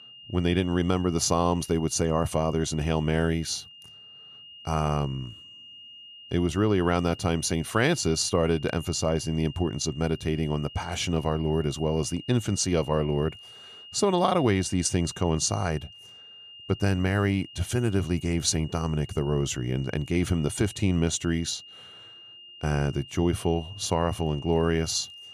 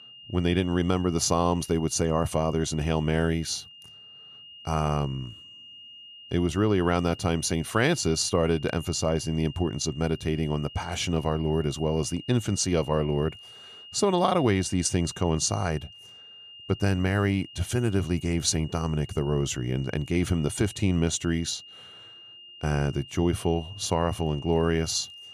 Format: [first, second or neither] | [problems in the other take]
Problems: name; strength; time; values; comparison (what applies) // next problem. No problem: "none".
neither | high-pitched whine; noticeable; throughout; 3 kHz, 20 dB below the speech; the same in both